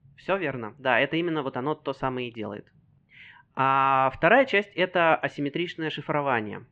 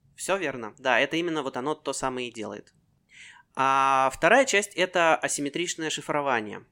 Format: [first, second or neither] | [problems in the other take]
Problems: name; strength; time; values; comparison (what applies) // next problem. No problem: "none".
second | muffled; very; fading above 3 kHz